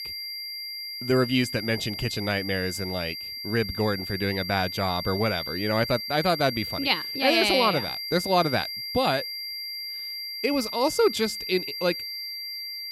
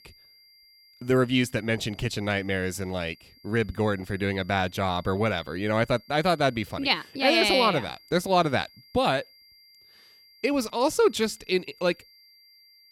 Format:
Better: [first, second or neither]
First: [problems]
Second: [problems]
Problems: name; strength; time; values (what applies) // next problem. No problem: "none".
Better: second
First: high-pitched whine; loud; throughout; 4.5 kHz, 6 dB below the speech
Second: high-pitched whine; faint; throughout; 4.5 kHz, 30 dB below the speech